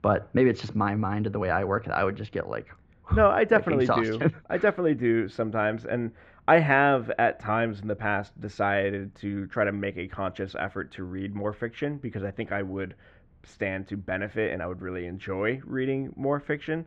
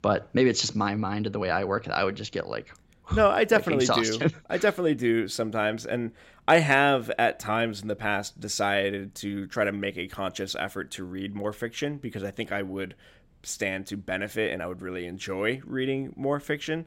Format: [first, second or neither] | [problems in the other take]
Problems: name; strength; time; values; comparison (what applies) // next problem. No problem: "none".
second | muffled; very; fading above 1.5 kHz